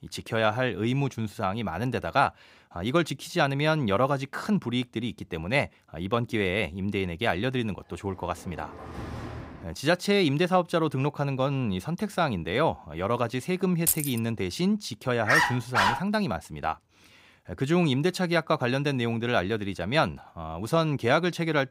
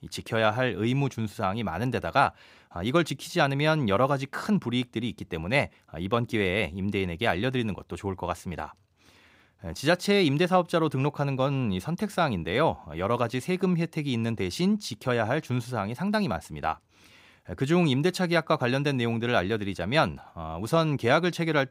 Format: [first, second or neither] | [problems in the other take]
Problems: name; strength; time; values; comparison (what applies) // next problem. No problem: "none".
second | door banging; noticeable; from 8 to 9.5 s; peak 10 dB below the speech // jangling keys; loud; at 14 s; peak 2 dB above the speech // dog barking; loud; at 15 s; peak 5 dB above the speech